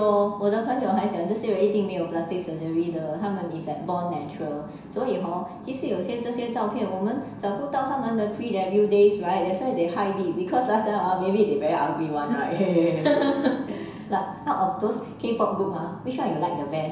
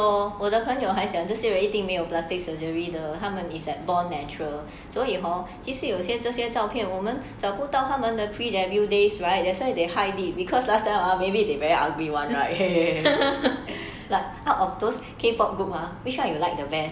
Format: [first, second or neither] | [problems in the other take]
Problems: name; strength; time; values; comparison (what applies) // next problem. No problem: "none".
second | room echo; dies away in 0.6 s